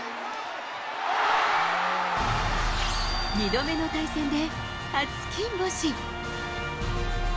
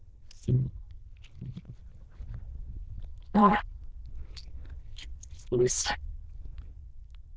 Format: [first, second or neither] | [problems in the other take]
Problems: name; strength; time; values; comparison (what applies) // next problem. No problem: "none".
first | noise reduction (neural diffusion model UNIVERSE++)